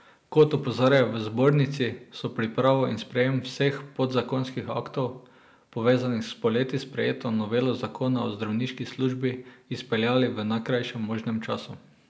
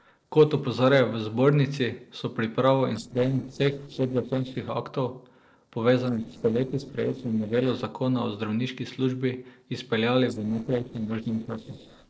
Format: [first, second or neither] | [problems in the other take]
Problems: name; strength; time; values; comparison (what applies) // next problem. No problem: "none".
first | noise reduction (neural separator model SepFormer DNS4)